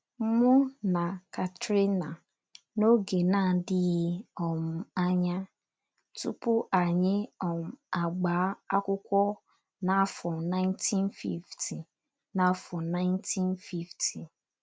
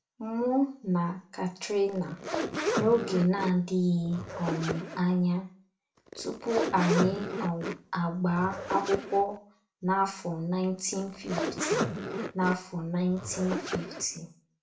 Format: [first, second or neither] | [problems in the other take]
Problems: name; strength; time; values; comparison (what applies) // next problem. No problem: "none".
first | background sound (Zipper (clothing)); 5 dB below the speech // room echo; dies away in 0.3 s